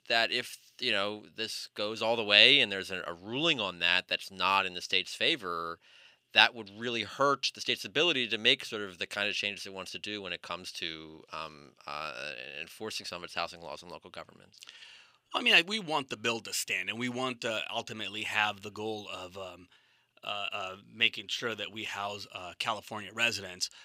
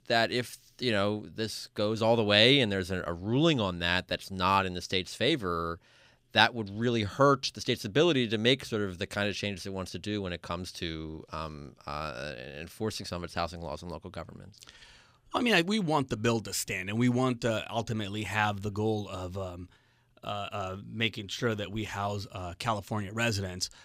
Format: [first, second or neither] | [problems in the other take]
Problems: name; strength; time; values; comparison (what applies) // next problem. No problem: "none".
second | thin; somewhat; fading below 1 kHz